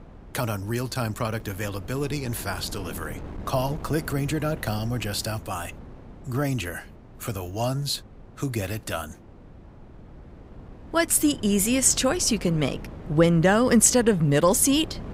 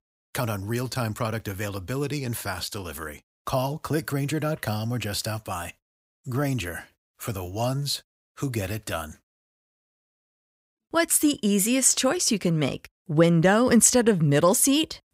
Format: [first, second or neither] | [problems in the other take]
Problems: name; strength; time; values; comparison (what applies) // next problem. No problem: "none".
second | wind noise on the microphone; occasional gusts; 20 dB below the speech